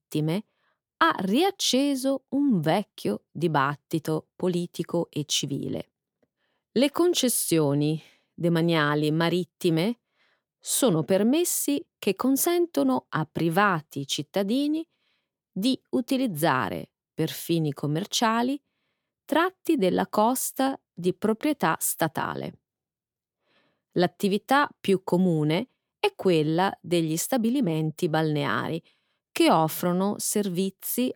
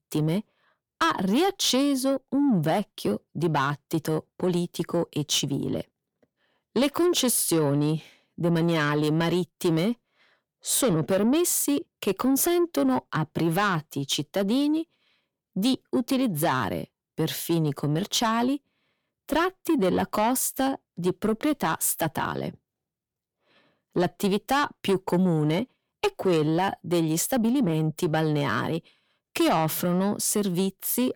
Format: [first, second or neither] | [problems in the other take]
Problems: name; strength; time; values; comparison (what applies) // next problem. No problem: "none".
first | distortion; slight; 10 dB below the speech